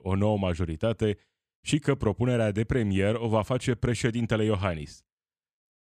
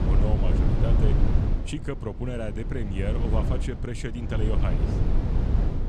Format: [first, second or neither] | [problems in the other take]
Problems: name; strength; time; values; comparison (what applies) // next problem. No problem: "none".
first | low rumble; loud; throughout; 1 dB below the speech